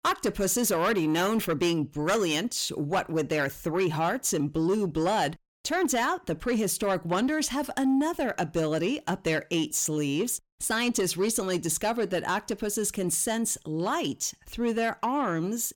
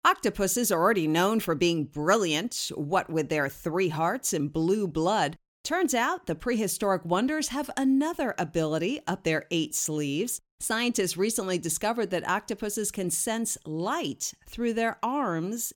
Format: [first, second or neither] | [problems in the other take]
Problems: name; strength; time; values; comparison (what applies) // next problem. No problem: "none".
second | distortion; slight; 10 dB below the speech